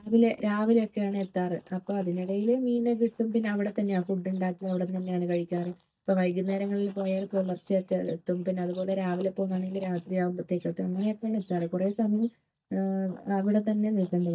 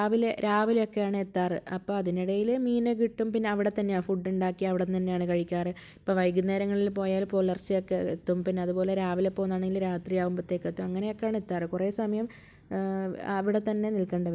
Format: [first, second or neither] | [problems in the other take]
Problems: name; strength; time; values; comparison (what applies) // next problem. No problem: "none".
second | noise reduction (neural mask model DeepFilterNet 3)